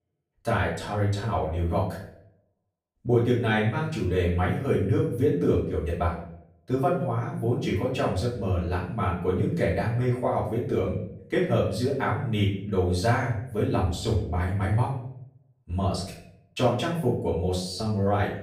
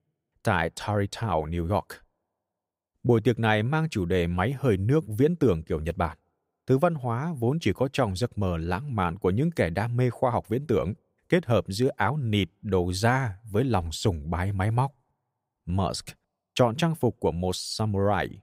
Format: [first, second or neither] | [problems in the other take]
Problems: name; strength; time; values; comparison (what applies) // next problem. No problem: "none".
second | off-mic speech; far // room echo; noticeable; dies away in 0.5 s